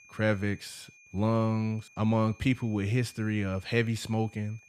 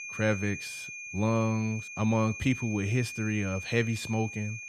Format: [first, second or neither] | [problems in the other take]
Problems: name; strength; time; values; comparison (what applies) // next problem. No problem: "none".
first | high-pitched whine; loud; throughout; 2.5 kHz, 9 dB below the speech; faint in the first